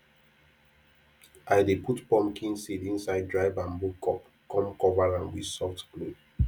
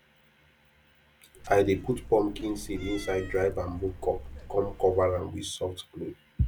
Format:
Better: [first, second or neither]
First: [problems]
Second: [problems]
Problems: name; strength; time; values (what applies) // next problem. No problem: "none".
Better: first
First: none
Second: background sound (Cat); 12 dB below the speech